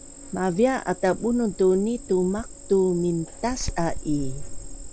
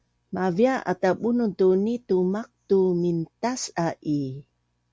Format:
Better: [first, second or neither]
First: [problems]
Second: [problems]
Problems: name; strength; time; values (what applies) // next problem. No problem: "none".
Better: second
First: background sound (Cricket); 9 dB below the speech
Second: none